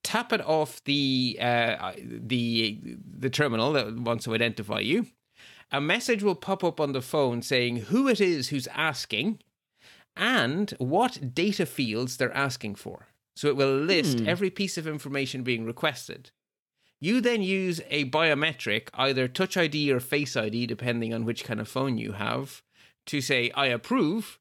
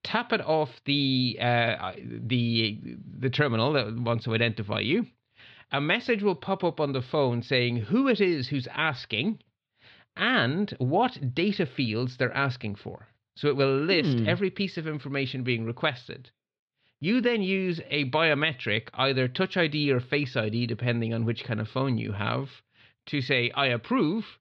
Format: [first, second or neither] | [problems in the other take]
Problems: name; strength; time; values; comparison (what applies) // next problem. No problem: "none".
first | muffled; very slightly; fading above 4 kHz